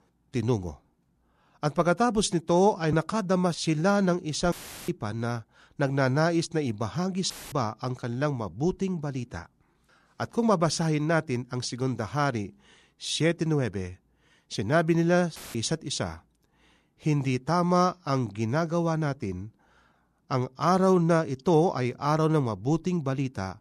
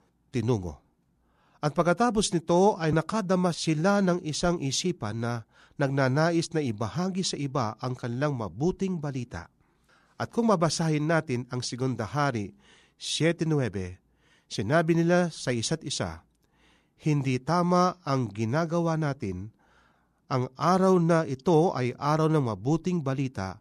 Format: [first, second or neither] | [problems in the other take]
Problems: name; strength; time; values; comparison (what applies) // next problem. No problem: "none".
second | audio cutting out; filled with static; at 4.5 s, at 7.5 s and at 15 s